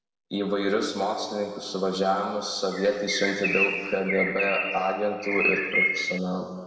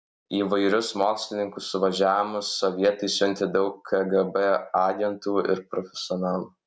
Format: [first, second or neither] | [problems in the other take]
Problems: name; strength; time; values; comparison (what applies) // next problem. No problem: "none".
second | background sound (Bird); 1 dB below the speech // room echo; dies away in 1.7 s